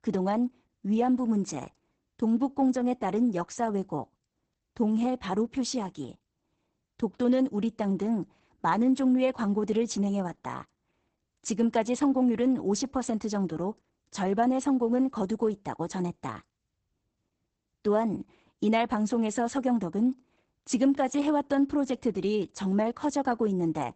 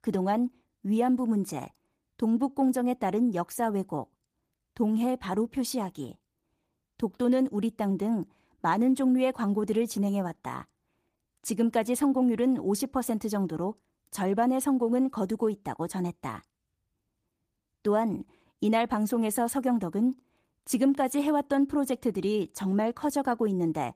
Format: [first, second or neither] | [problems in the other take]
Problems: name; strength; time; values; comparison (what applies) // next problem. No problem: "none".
second | garbled, watery; badly; nothing above 8 kHz; slightly in the second